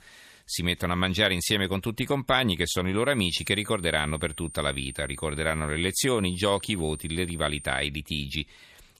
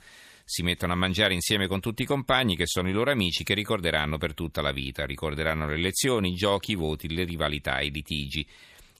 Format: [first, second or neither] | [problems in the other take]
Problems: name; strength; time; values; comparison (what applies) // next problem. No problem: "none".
second | high-pitched whine; noticeable; from 3 to 8 s; 9 kHz, 15 dB below the speech